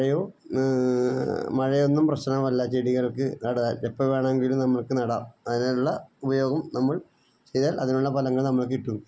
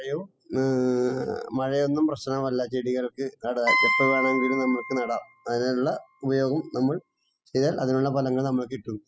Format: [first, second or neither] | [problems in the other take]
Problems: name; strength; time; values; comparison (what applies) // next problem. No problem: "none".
first | noise reduction (classical method spectral subtraction)